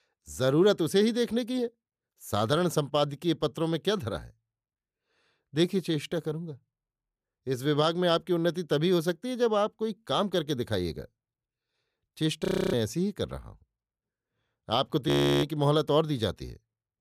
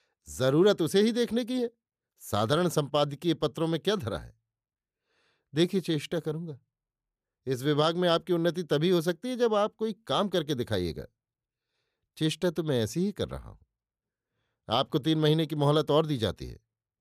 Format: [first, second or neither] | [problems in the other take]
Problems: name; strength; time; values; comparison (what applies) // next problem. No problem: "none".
second | audio freezing; at 12 s and at 15 s